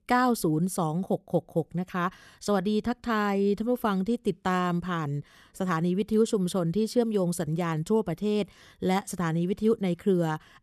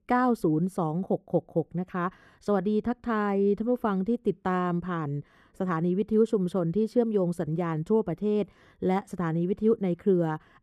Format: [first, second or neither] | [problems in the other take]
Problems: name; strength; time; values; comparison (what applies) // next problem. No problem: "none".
first | muffled; slightly; fading above 2.5 kHz